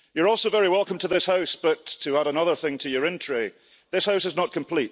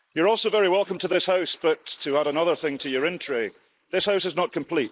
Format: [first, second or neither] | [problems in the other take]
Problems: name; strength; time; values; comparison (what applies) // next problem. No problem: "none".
first | noise reduction (neural mask model Resemble Enhance denoiser)